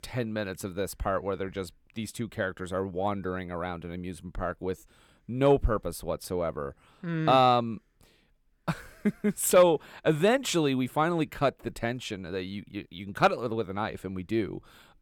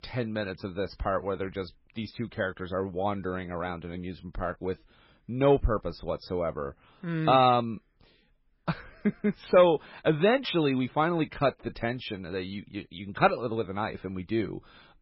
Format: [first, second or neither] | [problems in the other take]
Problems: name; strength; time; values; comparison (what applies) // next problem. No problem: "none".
first | garbled, watery; badly; nothing above 5.5 kHz